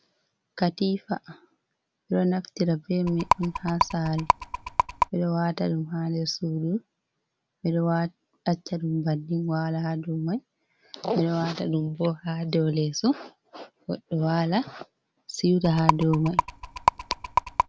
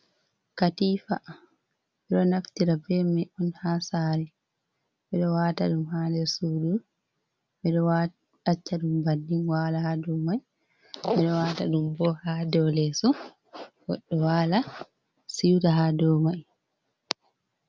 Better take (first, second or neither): second